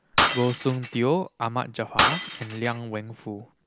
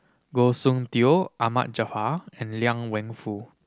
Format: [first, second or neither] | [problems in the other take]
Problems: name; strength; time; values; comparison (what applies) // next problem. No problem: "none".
second | background sound (Shatter); 1 dB below the speech